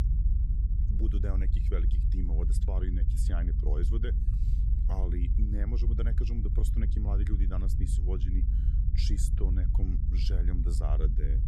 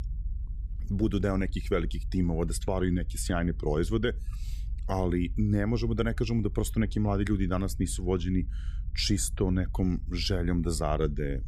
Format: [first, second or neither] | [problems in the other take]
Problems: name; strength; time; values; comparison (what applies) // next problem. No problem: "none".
second | low rumble; loud; throughout; 4 dB below the speech; faint in the second